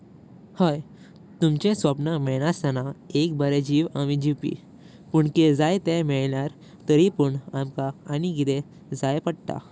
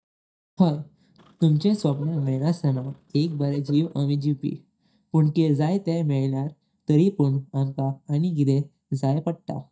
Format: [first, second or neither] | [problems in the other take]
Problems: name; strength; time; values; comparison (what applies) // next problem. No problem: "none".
first | noise reduction (neural mask model DeepFilterNet 3)